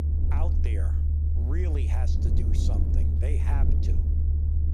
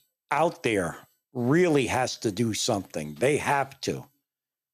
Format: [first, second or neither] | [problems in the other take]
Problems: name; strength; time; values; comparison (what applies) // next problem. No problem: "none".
second | low rumble; loud; throughout; as loud as the speech